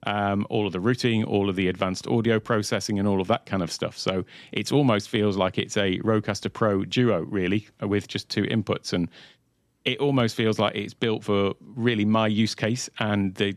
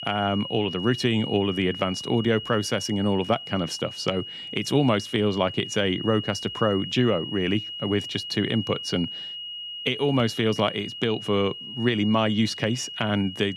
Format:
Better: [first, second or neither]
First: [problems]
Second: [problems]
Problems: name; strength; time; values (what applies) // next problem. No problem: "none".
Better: first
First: none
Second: high-pitched whine; loud; throughout; 3 kHz, 9 dB below the speech